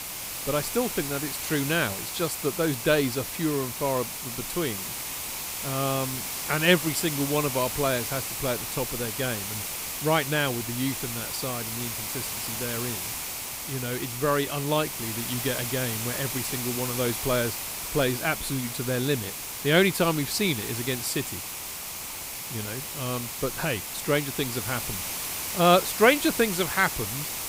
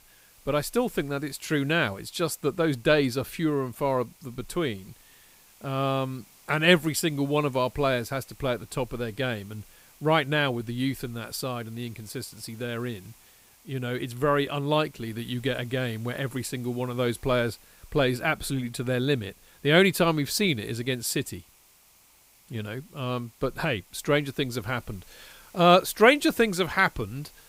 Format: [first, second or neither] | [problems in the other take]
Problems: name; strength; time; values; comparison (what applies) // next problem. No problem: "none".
second | hiss; loud; throughout; 4 dB below the speech; faint in the second